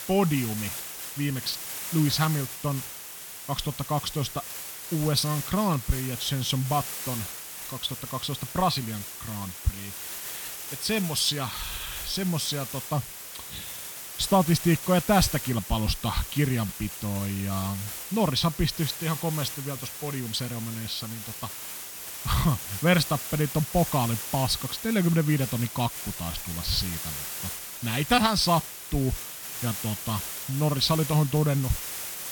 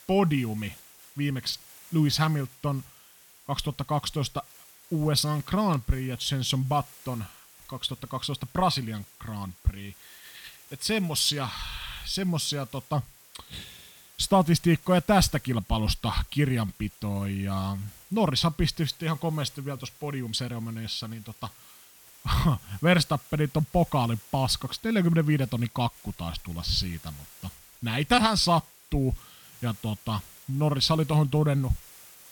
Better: second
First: hiss; loud; throughout; 7 dB below the speech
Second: hiss; faint; throughout; 20 dB below the speech

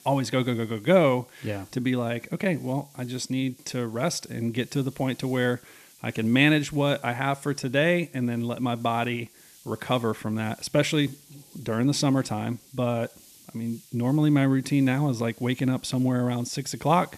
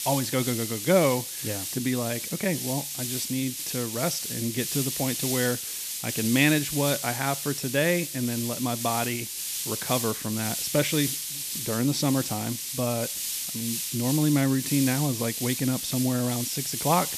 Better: first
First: hiss; faint; throughout; 25 dB below the speech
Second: hiss; loud; throughout; 2 dB below the speech

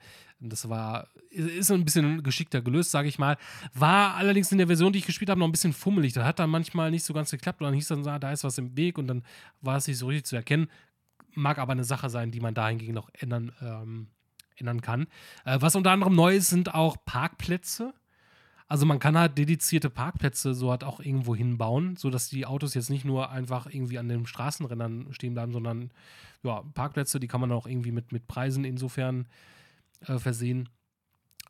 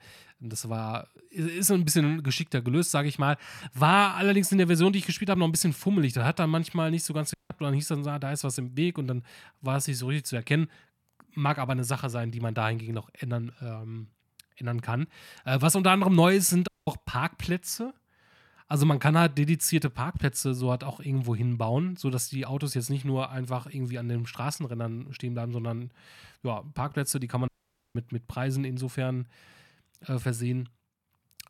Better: first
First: none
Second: audio cutting out; at 7.5 s, at 17 s and at 27 s

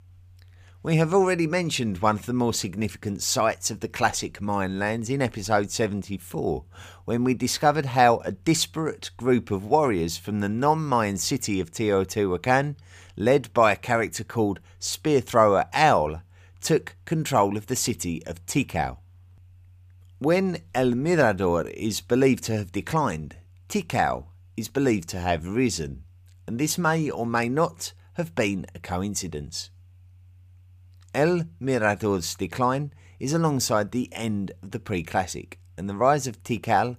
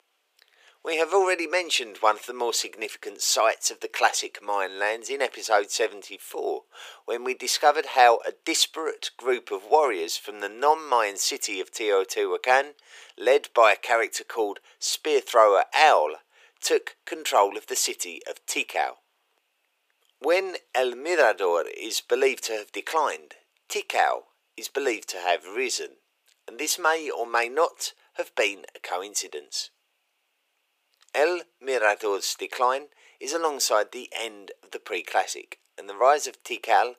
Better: first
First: none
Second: thin; very; fading below 400 Hz

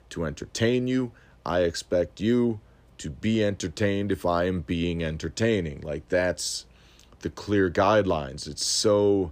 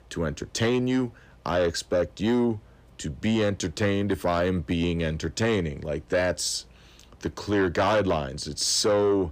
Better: first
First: none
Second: distortion; slight; 10 dB below the speech

